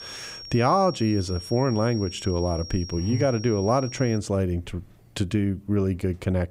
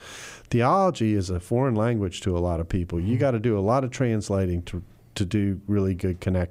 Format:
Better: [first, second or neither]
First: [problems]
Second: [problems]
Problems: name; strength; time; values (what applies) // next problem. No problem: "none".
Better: second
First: high-pitched whine; noticeable; until 4 s; 5.5 kHz, 15 dB below the speech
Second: none